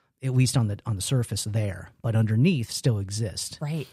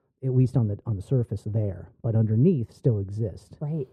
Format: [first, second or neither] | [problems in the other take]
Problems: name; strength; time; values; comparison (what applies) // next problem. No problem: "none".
first | muffled; very; fading above 1.5 kHz